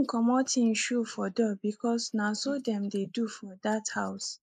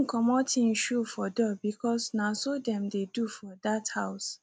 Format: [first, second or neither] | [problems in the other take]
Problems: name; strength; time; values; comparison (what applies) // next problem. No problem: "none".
second | noise reduction (neural mask model Resemble Enhance denoiser)